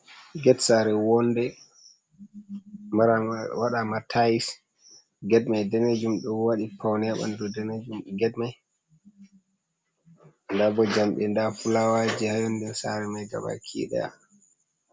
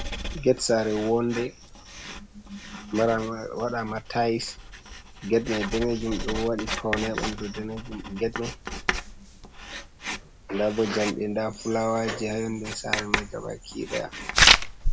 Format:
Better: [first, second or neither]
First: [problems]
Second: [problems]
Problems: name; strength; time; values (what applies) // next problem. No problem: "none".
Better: first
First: none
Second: background sound (Writing); 1 dB below the speech